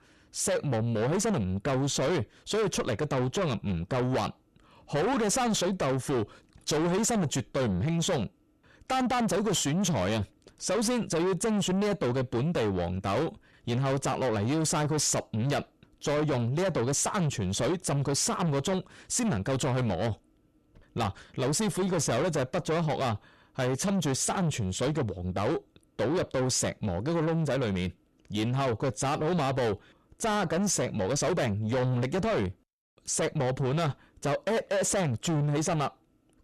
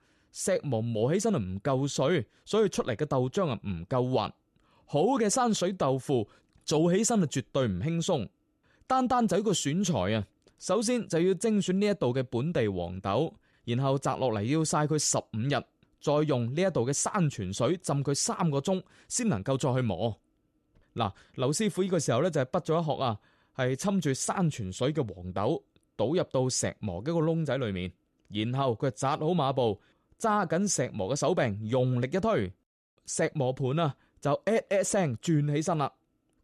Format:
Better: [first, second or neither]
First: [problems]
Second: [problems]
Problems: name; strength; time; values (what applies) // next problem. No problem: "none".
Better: second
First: distortion; heavy; 7 dB below the speech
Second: none